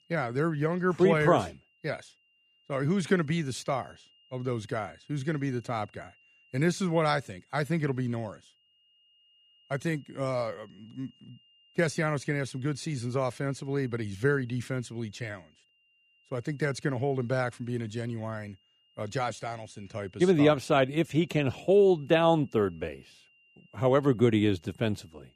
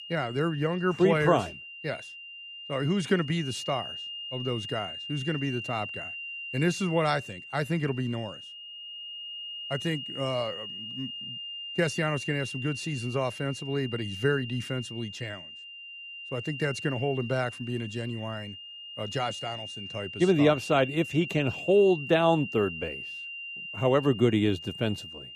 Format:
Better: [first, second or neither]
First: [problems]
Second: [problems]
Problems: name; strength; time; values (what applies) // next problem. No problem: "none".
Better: first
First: high-pitched whine; faint; throughout; 3 kHz, 35 dB below the speech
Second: high-pitched whine; loud; throughout; 3 kHz, 9 dB below the speech